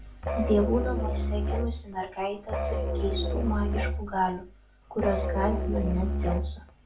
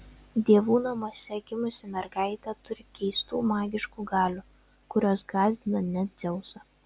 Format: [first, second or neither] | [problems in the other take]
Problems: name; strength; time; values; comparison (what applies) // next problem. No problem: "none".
second | background sound (Musical instrument); 2 dB above the speech // room echo; dies away in 0.3 s